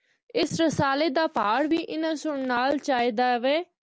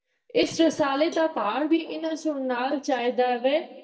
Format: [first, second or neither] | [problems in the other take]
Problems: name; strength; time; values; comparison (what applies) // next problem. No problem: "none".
first | noise reduction (neural mask model DeepFilterNet 3)